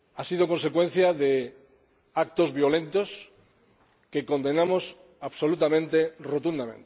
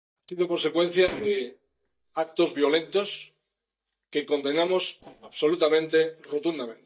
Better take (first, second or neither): first